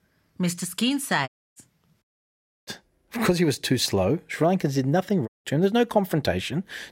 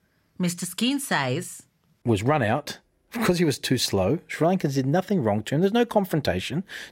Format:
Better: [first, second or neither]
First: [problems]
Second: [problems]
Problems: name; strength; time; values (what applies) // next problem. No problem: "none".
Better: second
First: audio cutting out; at 1.5 s, at 2 s for 0.5 s and at 5.5 s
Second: none